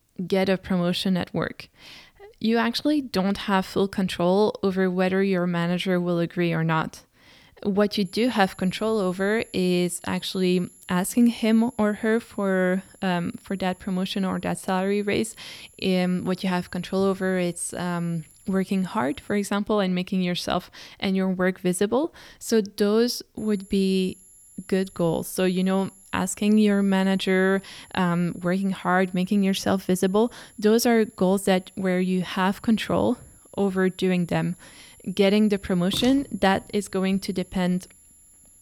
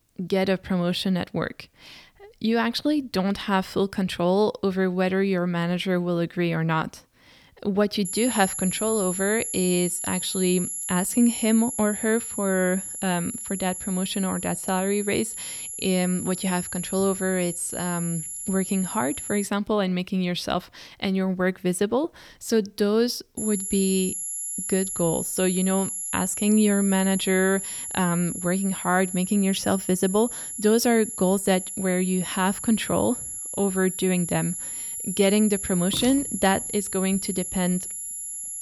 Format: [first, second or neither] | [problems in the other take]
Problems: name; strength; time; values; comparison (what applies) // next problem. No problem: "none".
first | high-pitched whine; loud; from 8 to 19 s and from 23 s on; 11 kHz, 5 dB below the speech; faint in the first